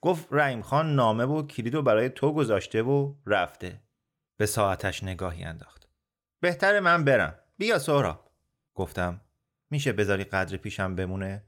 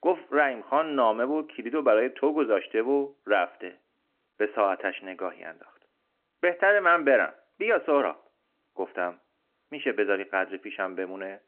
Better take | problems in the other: first | phone-call audio

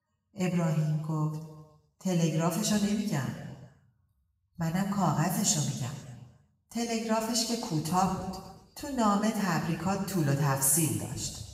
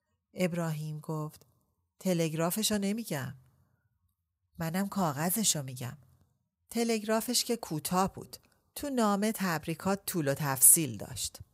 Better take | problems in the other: second | room echo; noticeable; dies away in 1.2 s // off-mic speech; far

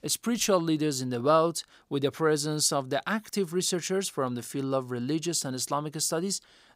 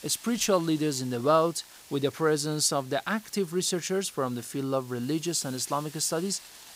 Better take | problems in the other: first | hiss; noticeable; throughout; 20 dB below the speech

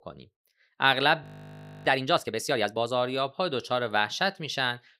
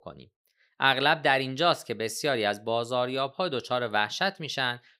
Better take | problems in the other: second | audio freezing; at 1 s for 0.5 s

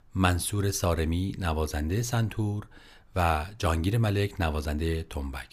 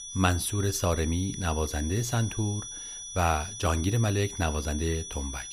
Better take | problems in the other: first | high-pitched whine; loud; throughout; 6 kHz, 9 dB below the speech

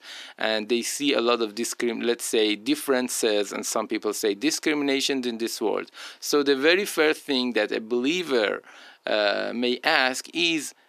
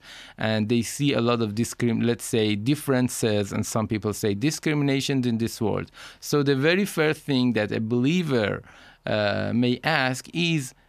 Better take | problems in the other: second | thin; somewhat; fading below 300 Hz

